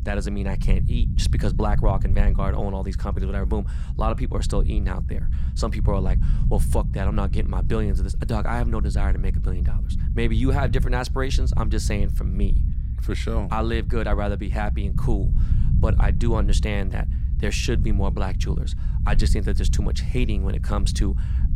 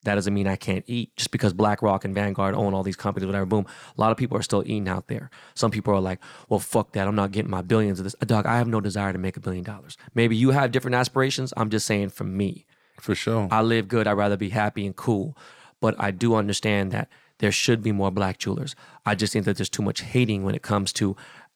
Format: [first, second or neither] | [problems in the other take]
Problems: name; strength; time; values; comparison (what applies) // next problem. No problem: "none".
second | low rumble; noticeable; throughout; 10 dB below the speech